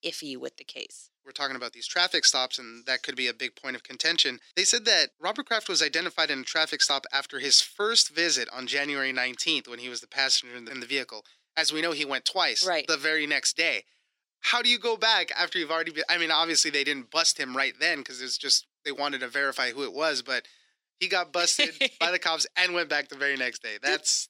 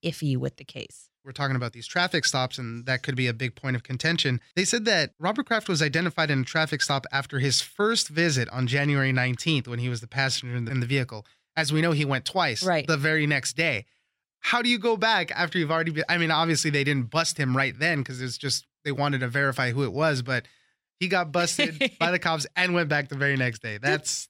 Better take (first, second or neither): second